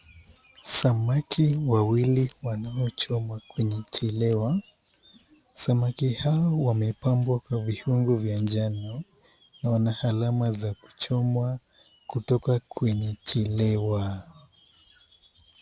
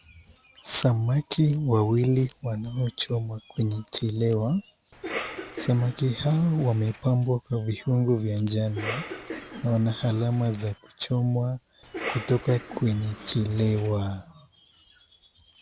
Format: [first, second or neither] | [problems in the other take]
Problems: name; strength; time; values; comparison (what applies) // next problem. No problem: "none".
first | background sound (Cough); 12 dB below the speech